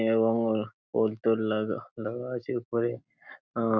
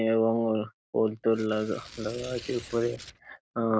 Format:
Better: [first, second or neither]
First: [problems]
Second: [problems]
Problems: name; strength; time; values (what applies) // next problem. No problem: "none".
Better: first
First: none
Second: background sound (Tearing); 18 dB below the speech